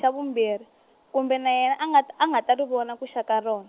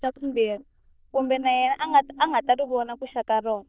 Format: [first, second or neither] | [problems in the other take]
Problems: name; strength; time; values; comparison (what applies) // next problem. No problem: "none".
first | noise reduction (neural diffusion model UNIVERSE++)